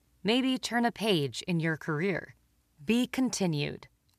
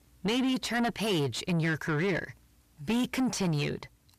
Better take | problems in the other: first | distortion; heavy; 7 dB below the speech

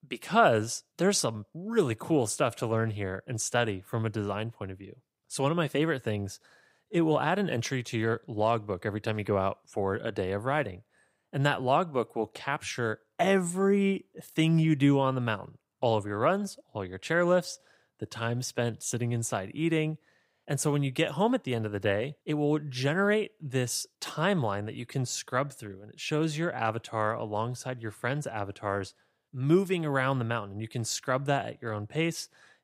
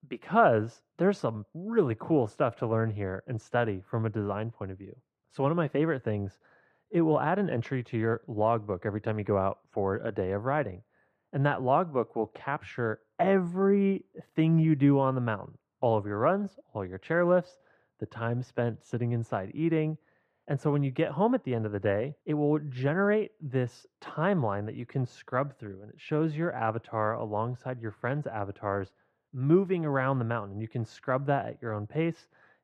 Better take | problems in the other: first | muffled; very; fading above 4 kHz

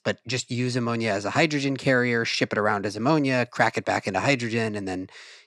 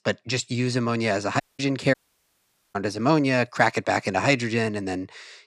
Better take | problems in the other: first | audio cutting out; at 1.5 s and at 2 s for 1 s

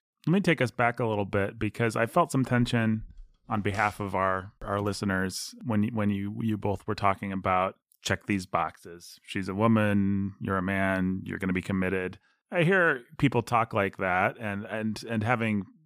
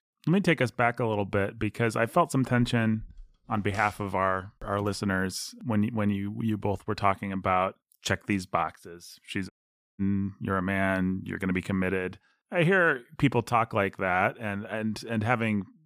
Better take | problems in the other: first | audio cutting out; at 9.5 s

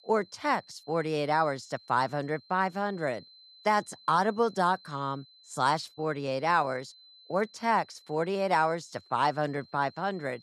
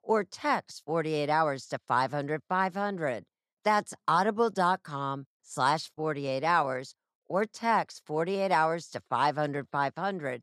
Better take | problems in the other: second | high-pitched whine; faint; throughout; 4 kHz, 25 dB below the speech

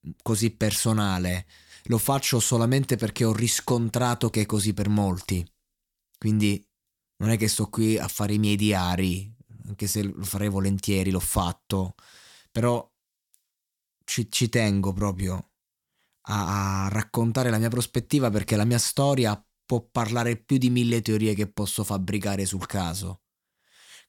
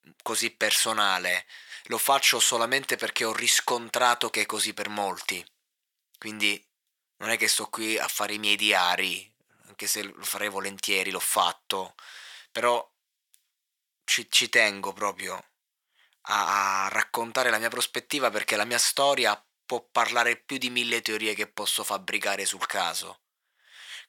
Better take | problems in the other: first | thin; very; fading below 650 Hz

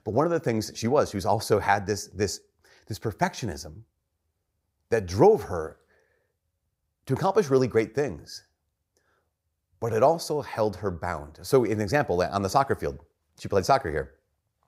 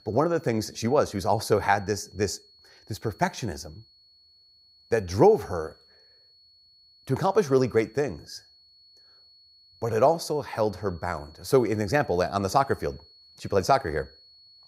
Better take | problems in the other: first | high-pitched whine; faint; throughout; 4.5 kHz, 30 dB below the speech

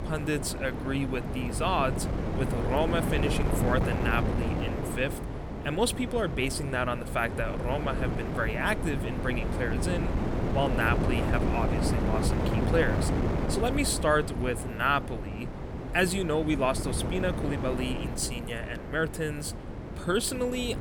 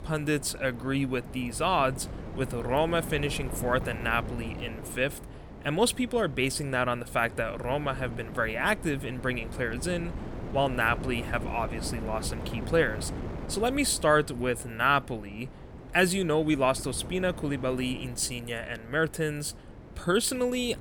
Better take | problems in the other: second | wind noise on the microphone; heavy; 6 dB below the speech; occasional gusts in the second

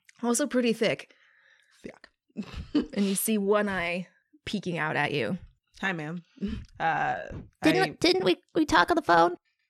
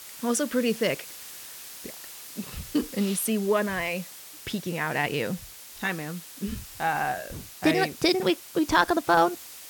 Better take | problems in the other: first | hiss; noticeable; throughout; 15 dB below the speech

